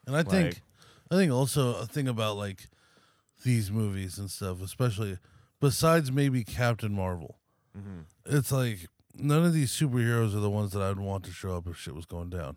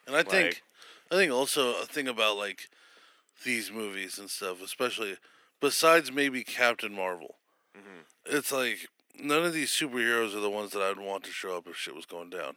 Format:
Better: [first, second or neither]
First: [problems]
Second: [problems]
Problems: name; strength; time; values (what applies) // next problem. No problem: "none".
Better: first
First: none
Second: thin; very; fading below 300 Hz